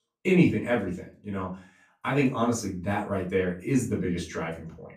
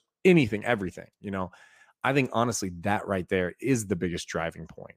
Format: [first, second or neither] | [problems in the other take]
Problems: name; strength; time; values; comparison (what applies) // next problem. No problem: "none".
second | off-mic speech; far // room echo; slight; dies away in 0.3 s